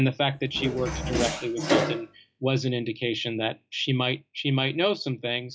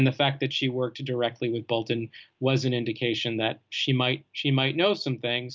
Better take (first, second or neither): second